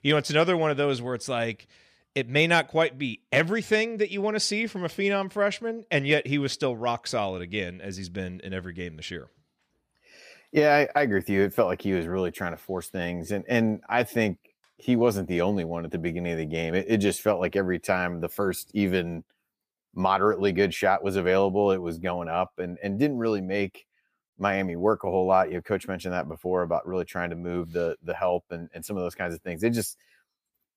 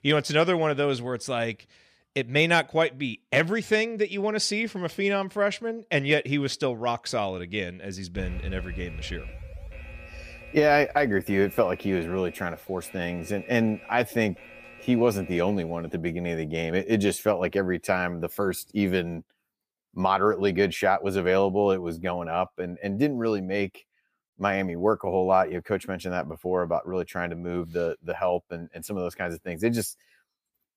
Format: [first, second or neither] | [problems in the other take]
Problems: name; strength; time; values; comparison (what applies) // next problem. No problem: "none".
first | alarm; noticeable; from 8 to 16 s; peak 9 dB below the speech